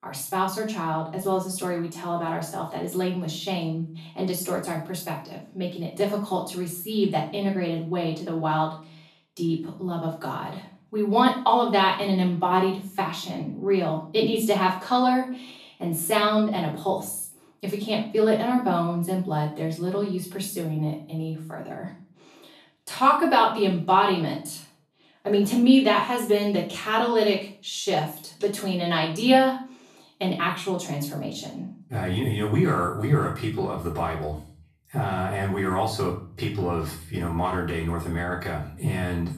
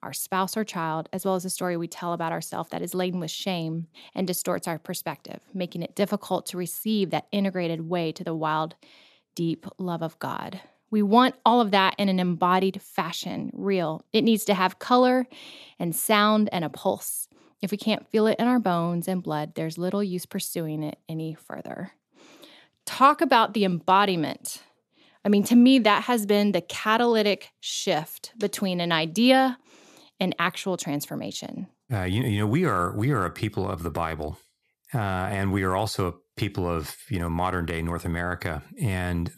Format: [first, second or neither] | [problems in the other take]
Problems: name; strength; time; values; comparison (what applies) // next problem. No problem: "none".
second | room echo; slight; dies away in 0.4 s // off-mic speech; far